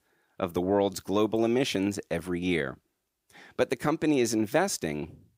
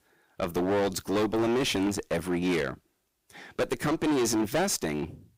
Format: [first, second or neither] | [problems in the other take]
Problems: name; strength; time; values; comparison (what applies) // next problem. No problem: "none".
first | distortion; heavy; 16% of the sound clipped